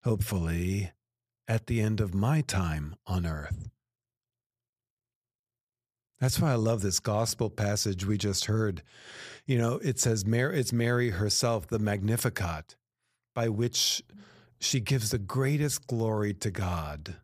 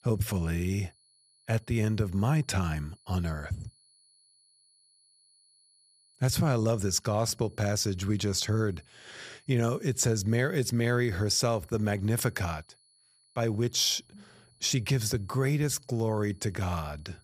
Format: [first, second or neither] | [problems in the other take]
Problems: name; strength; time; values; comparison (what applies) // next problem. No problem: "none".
first | high-pitched whine; faint; throughout; 4.5 kHz, 35 dB below the speech